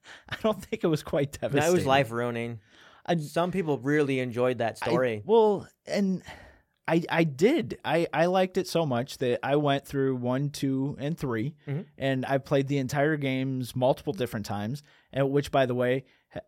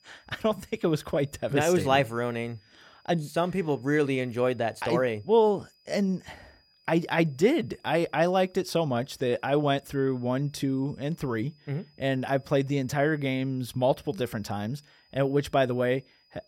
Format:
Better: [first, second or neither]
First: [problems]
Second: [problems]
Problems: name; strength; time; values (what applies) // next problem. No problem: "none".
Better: first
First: none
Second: high-pitched whine; faint; throughout; 5 kHz, 35 dB below the speech